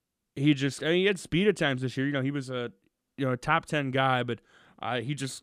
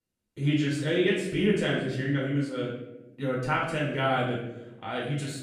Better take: first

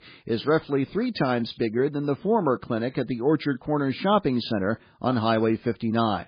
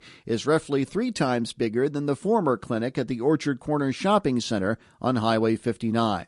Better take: second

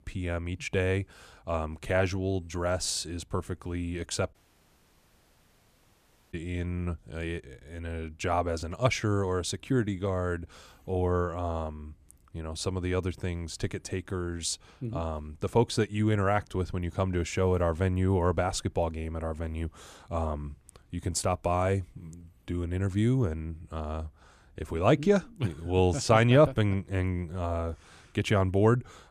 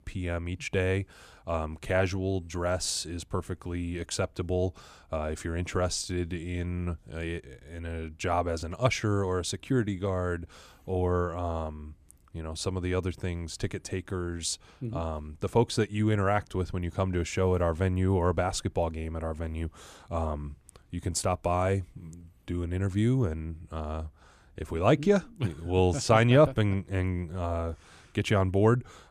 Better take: second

